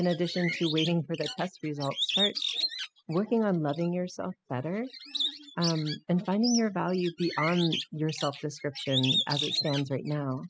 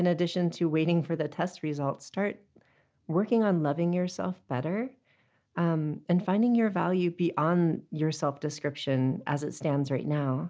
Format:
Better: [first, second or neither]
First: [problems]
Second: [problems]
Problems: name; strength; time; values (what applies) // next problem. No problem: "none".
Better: second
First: noise reduction (classical method spectral subtraction)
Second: none